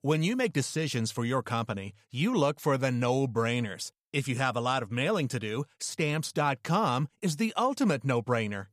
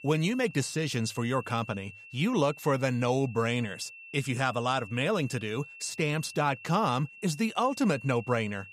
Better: first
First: none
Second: high-pitched whine; noticeable; throughout; 2.5 kHz, 15 dB below the speech

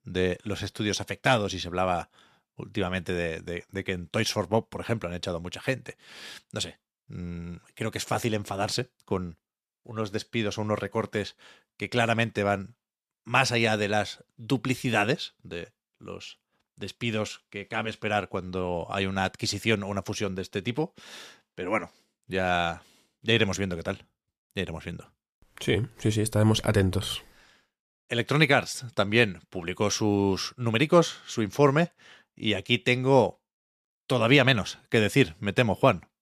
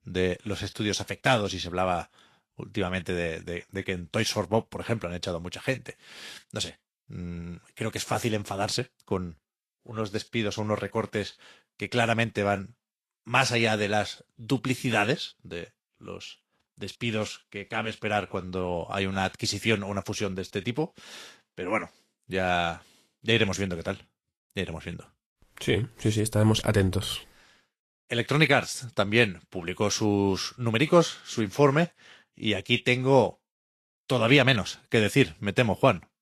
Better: first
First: none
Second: garbled, watery; slightly; nothing above 12.5 kHz

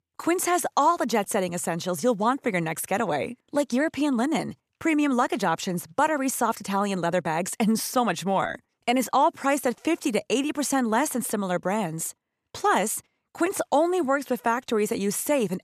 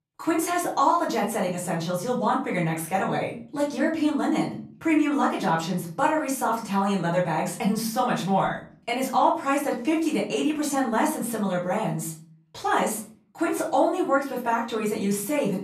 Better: first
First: none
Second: room echo; slight; dies away in 0.4 s // off-mic speech; far

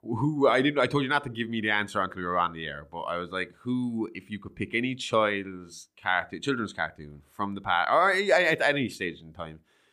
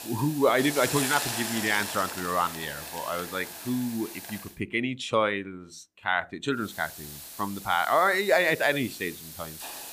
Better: first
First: none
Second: hiss; loud; until 4.5 s and from 6.5 s on; 8 dB below the speech

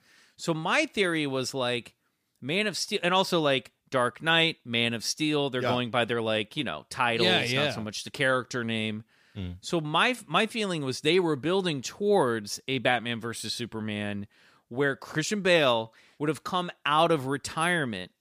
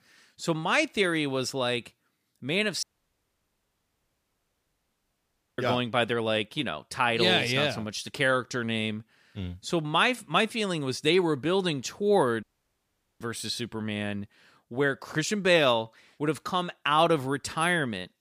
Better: first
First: none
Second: audio cutting out; at 3 s for 3 s and at 12 s for 1 s

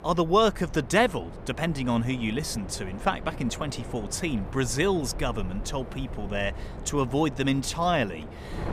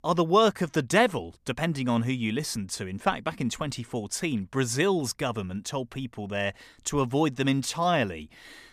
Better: second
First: wind noise on the microphone; occasional gusts; 15 dB below the speech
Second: none

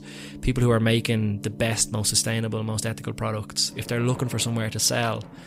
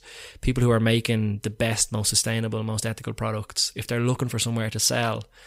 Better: second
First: background music; noticeable; throughout; 15 dB below the speech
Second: none

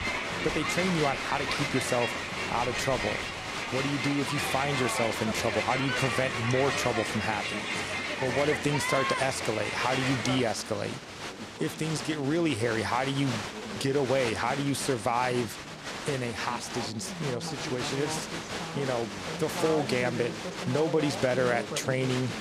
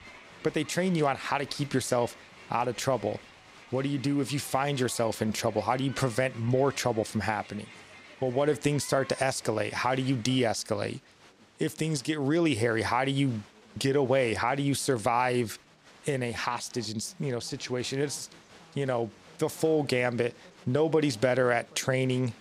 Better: second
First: crowd noise; loud; throughout; 2 dB below the speech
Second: crowd noise; faint; throughout; 20 dB below the speech

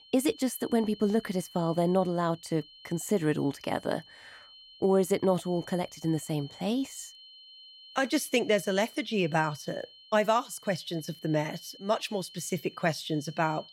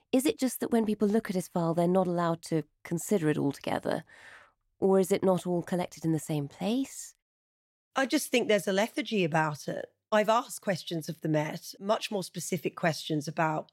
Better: second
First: high-pitched whine; noticeable; throughout; 3 kHz, 20 dB below the speech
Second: none

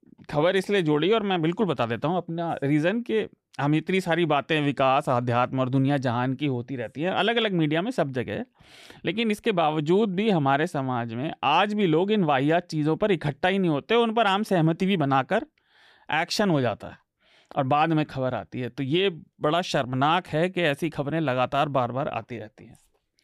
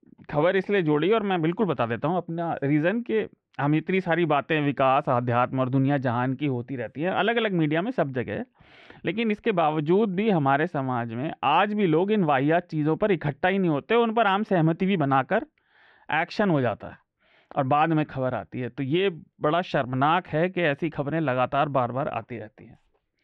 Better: first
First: none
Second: muffled; slightly; fading above 2 kHz

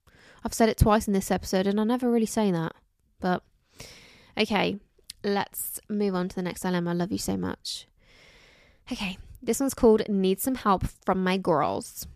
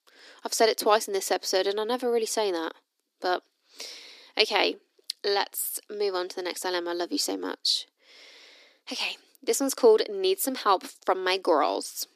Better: first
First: none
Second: thin; somewhat; fading below 300 Hz

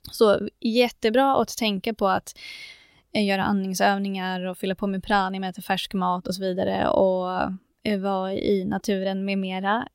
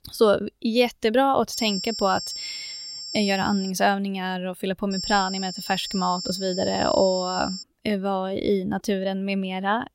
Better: first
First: none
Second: high-pitched whine; loud; from 1.5 to 3.5 s and from 5 to 7.5 s; 5.5 kHz, 7 dB below the speech

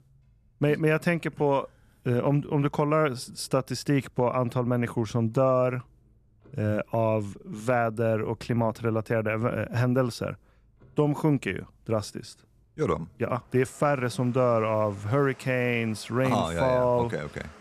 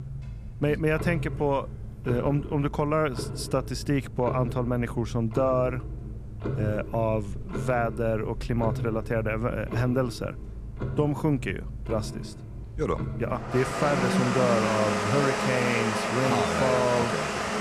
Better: first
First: household noises; faint; throughout; 30 dB below the speech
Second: household noises; loud; throughout; 4 dB below the speech

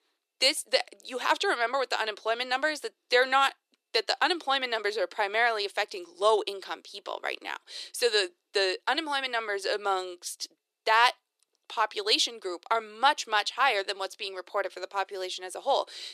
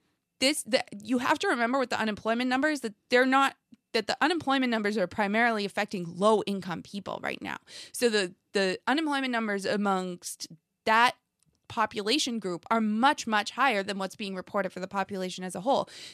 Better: second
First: thin; very; fading below 350 Hz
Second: none

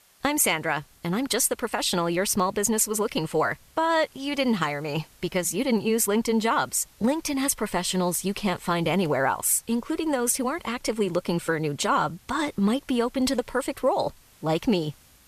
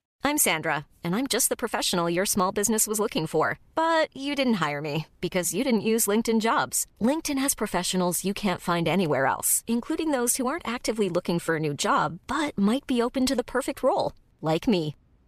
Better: second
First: hiss; faint; throughout; 30 dB below the speech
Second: none

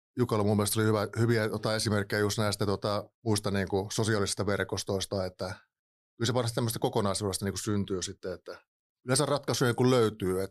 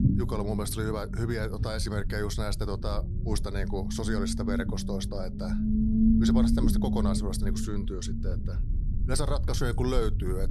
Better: first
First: none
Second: low rumble; loud; throughout; 2 dB below the speech

